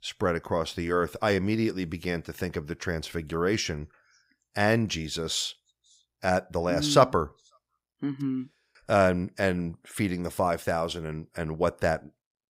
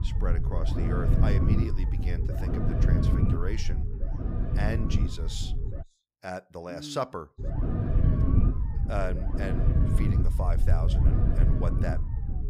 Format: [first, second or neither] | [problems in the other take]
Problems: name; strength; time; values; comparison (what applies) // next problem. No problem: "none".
first | low rumble; loud; until 6 s and from 7.5 s on; 1 dB below the speech